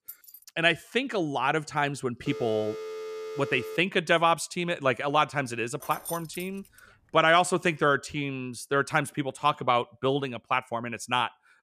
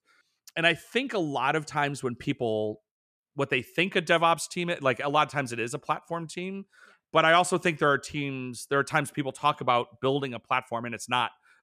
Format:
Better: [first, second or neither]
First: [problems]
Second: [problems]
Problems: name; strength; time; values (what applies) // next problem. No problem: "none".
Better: second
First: jangling keys; faint; at the start and at 6 s; peak 10 dB below the speech // phone ringing; faint; from 2.5 to 4 s; peak 10 dB below the speech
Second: none